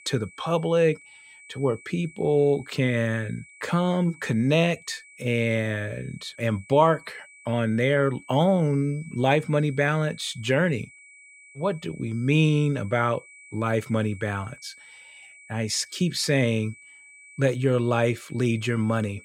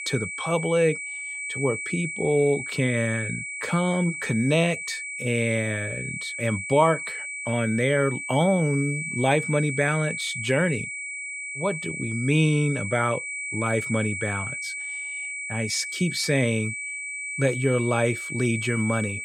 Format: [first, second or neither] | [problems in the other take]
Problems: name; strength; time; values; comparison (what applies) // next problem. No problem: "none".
first | high-pitched whine; loud; throughout; 2.5 kHz, 5 dB below the speech; faint in the first